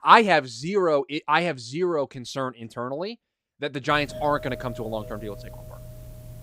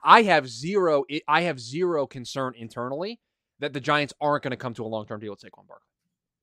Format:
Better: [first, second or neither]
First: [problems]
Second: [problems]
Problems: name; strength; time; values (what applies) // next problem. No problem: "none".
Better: second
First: doorbell; faint; from 4 s on; peak 15 dB below the speech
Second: none